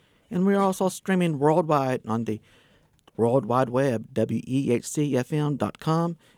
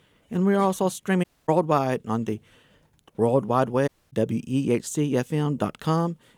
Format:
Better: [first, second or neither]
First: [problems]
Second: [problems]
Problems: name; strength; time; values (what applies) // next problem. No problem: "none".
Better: first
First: none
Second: audio cutting out; at 1 s and at 4 s